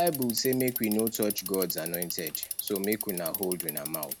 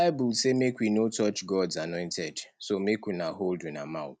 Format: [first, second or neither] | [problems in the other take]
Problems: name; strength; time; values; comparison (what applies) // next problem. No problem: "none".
second | background sound (Bicycle); 5 dB below the speech